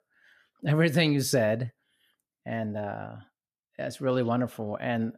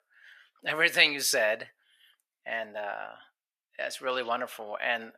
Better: first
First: none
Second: thin; very; fading below 800 Hz

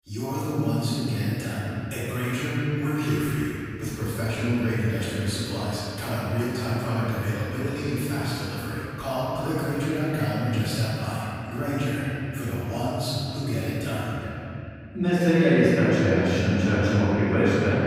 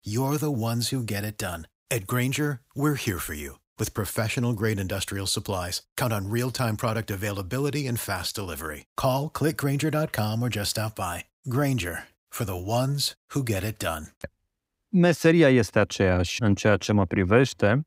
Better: second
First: off-mic speech; far // room echo; strong; dies away in 3 s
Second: none

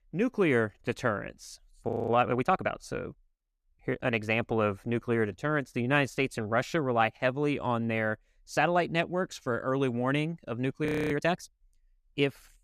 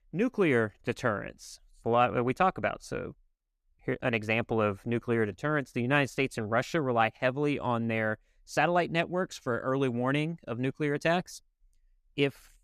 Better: second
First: audio freezing; at 2 s and at 11 s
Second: none

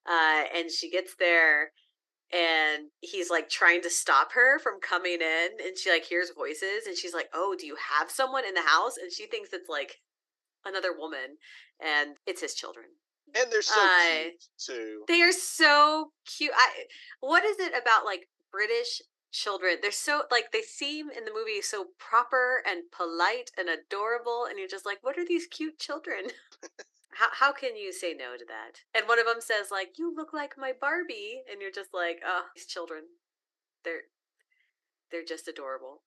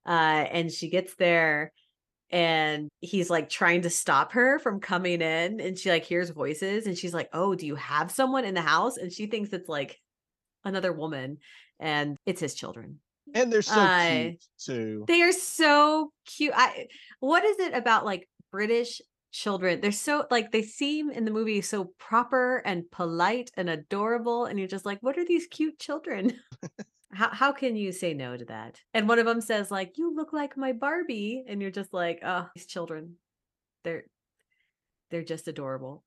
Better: second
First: thin; very; fading below 300 Hz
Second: none

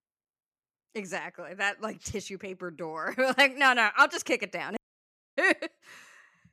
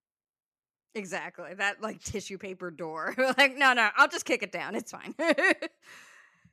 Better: second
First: audio cutting out; at 5 s for 0.5 s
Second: none

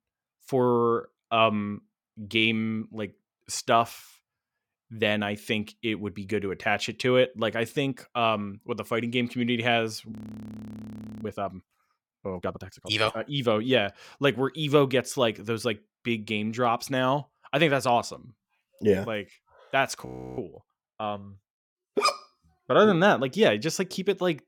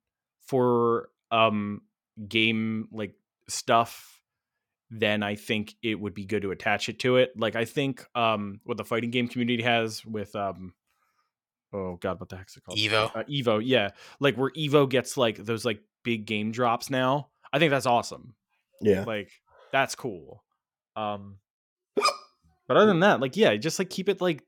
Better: second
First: audio freezing; at 10 s for 1 s and at 20 s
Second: none

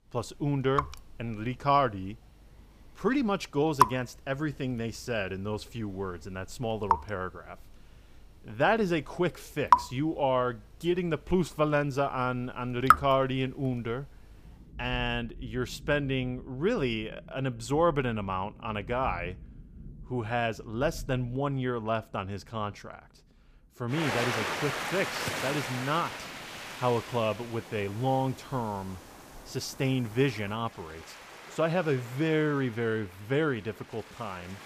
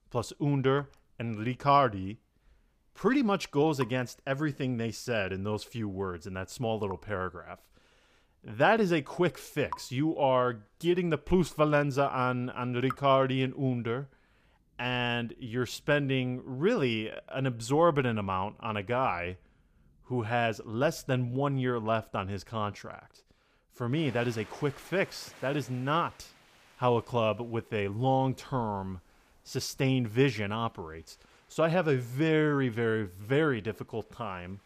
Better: second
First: rain or running water; loud; throughout; 1 dB below the speech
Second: rain or running water; faint; throughout; 20 dB below the speech

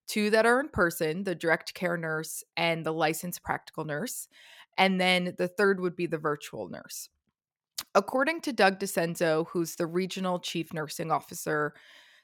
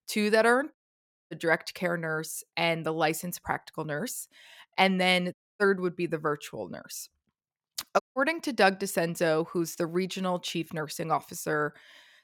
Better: first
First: none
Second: audio cutting out; at 0.5 s for 0.5 s, at 5.5 s and at 8 s

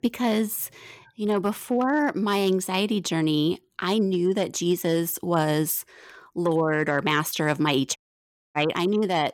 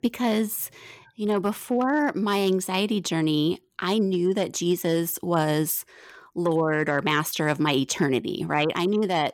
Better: second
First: audio cutting out; at 8 s for 0.5 s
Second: none

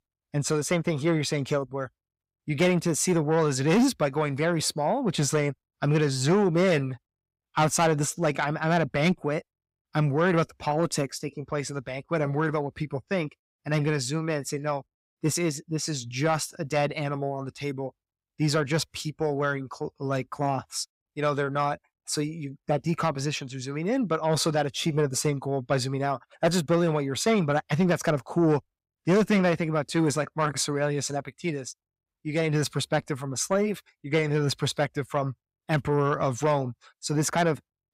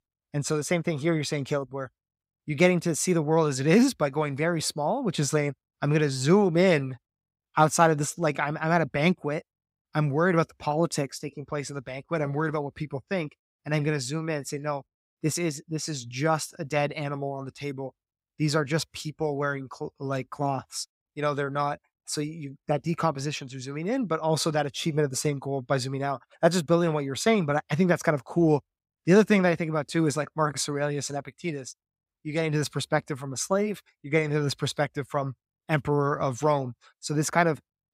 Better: second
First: distortion; slight; 10 dB below the speech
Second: none

